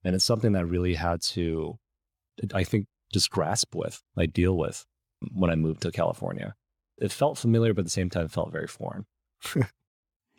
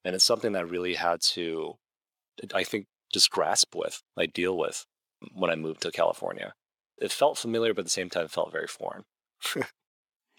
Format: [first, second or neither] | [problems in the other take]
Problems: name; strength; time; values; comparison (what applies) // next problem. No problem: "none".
first | thin; somewhat; fading below 450 Hz